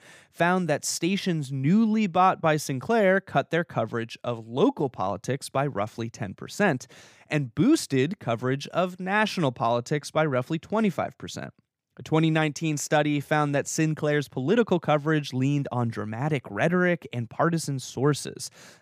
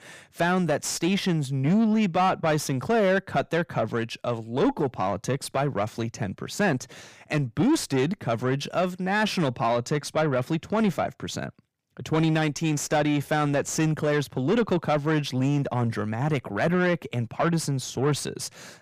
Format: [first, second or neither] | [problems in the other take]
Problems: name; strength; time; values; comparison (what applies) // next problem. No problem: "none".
first | distortion; slight; 10 dB below the speech